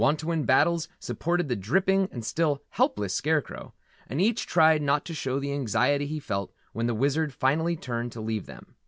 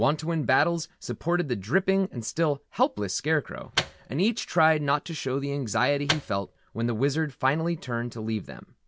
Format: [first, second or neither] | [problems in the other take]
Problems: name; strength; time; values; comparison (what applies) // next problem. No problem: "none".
first | background sound (Microwave oven); 9 dB below the speech